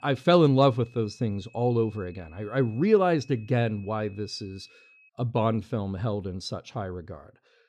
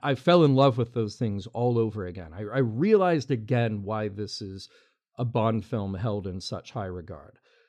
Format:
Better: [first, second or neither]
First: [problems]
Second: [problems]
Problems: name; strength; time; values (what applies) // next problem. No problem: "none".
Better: second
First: high-pitched whine; faint; until 5 s; 2.5 kHz, 30 dB below the speech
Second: none